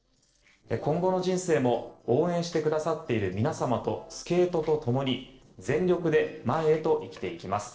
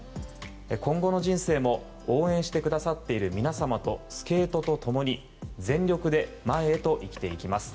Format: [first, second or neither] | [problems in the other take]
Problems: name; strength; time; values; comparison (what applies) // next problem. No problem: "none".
second | noise reduction (neural separator model SepFormer DNS4)